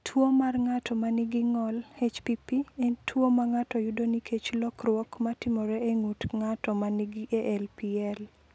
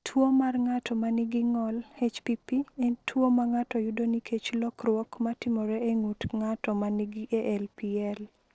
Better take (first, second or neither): first